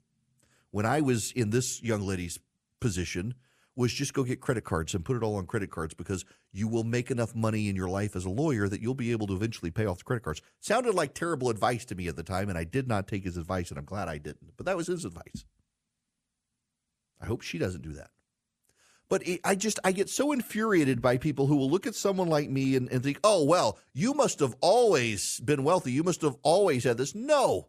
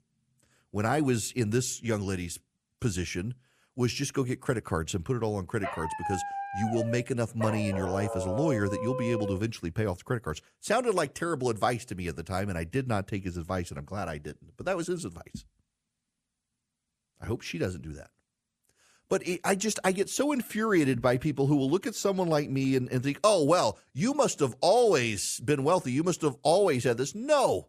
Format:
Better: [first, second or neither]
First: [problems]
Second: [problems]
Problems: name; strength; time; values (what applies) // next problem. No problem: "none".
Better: first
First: none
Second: dog barking; noticeable; from 5.5 to 9.5 s; peak 4 dB below the speech